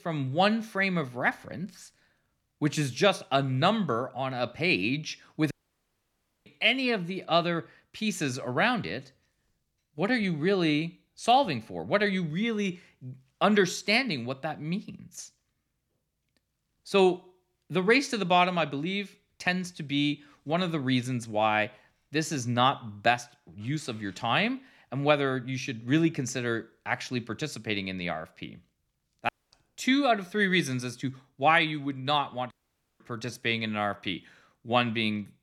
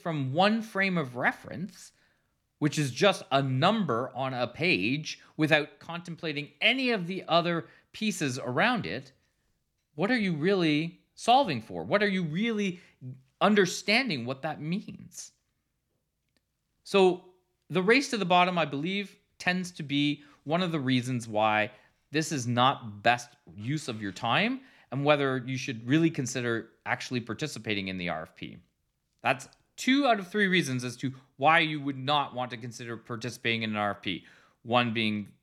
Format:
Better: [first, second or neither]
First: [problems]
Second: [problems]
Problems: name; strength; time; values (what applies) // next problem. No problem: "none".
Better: second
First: audio cutting out; at 5.5 s for 1 s, at 29 s and at 33 s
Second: none